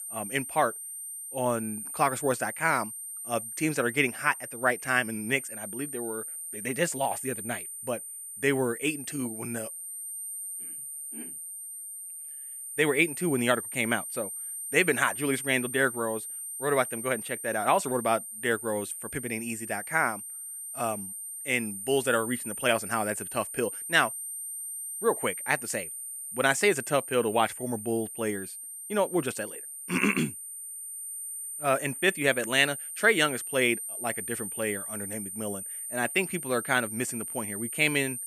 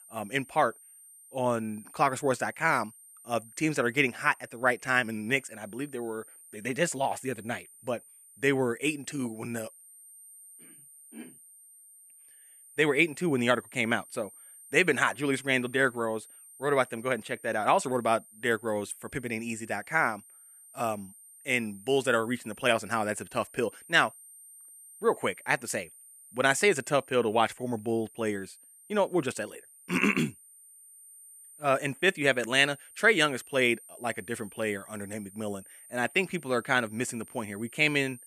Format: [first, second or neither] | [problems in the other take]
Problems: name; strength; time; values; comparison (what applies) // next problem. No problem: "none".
second | high-pitched whine; loud; throughout; 9 kHz, 7 dB below the speech; faint in the second